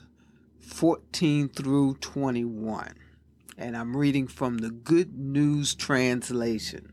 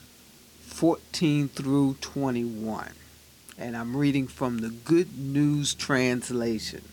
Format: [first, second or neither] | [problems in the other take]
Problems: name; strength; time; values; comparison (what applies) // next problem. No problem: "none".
first | hiss; faint; throughout; 25 dB below the speech